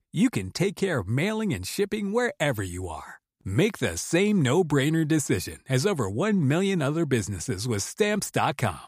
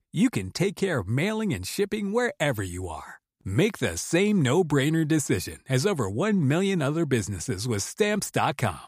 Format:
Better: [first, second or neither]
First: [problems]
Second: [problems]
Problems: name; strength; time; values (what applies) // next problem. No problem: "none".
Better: neither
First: none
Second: none